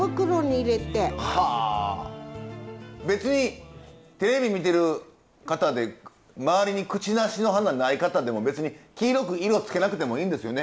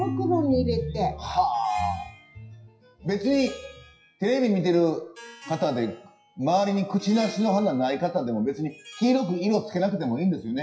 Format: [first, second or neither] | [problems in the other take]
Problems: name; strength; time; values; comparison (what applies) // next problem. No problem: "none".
first | noise reduction (classical method WPE with log-MMSE)